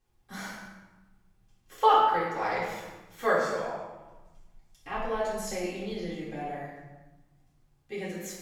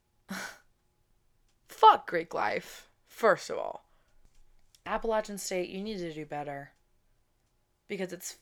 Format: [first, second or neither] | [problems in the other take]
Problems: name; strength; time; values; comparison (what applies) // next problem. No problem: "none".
second | off-mic speech; far // room echo; strong; dies away in 1.1 s